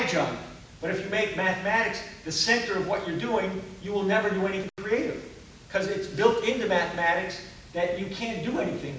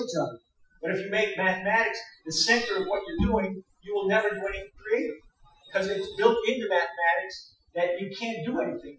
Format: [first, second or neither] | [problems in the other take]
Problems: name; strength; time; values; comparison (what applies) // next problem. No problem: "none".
first | noise reduction (classical method Wiener filter)